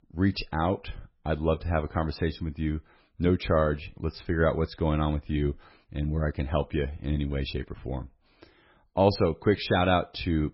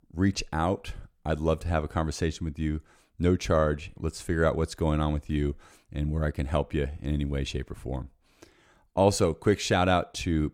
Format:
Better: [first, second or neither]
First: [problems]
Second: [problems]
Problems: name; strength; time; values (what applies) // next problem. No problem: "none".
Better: second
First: garbled, watery; badly; nothing above 5.5 kHz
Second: none